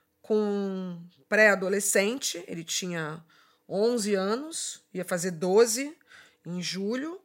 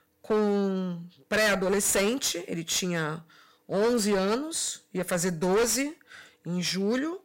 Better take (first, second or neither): first